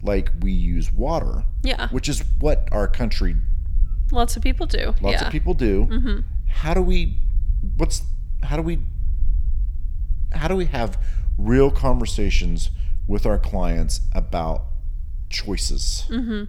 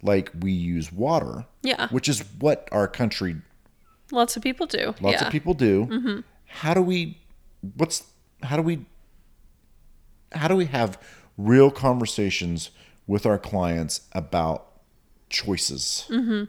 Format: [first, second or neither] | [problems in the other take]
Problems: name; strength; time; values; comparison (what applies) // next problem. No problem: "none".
second | low rumble; faint; throughout; 25 dB below the speech